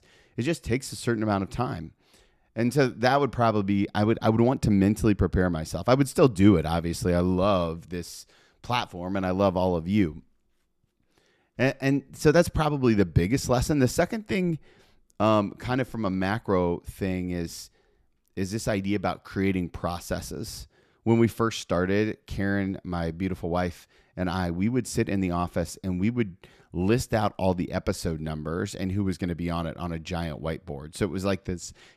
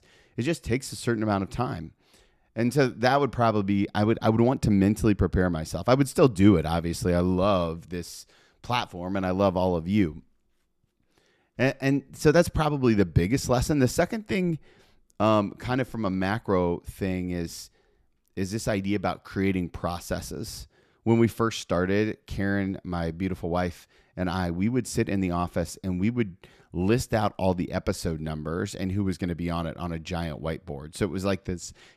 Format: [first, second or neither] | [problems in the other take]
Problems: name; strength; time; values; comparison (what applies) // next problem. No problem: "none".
neither | none